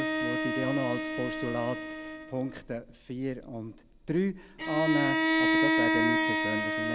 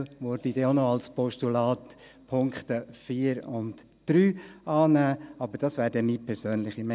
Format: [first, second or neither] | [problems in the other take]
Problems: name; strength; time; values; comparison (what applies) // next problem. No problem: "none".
second | background sound (Bowed string instrument); 3 dB above the speech